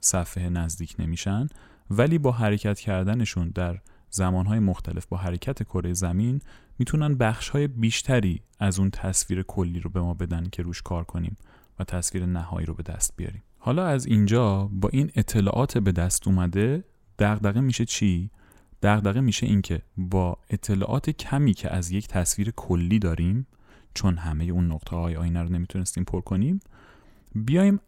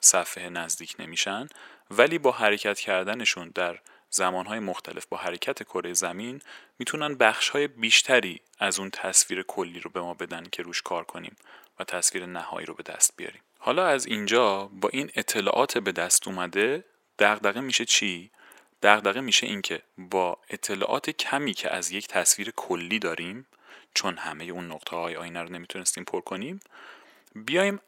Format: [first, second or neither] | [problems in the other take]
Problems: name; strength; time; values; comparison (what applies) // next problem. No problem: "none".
first | thin; very; fading below 400 Hz